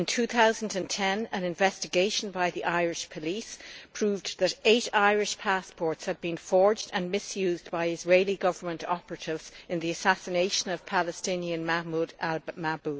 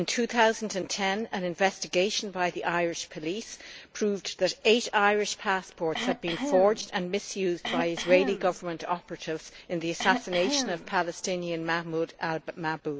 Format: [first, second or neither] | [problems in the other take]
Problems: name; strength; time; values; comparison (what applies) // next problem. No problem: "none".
first | background sound (Cough); 5 dB below the speech